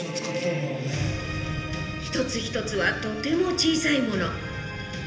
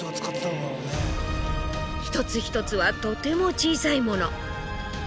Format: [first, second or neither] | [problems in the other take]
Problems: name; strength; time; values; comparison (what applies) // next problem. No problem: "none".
second | room echo; dies away in 0.8 s